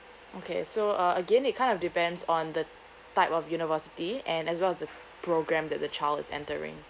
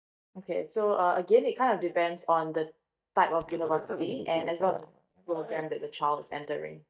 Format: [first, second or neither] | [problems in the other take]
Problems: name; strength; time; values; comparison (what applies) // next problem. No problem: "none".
first | noise reduction (neural mask model DeepFilterNet 3)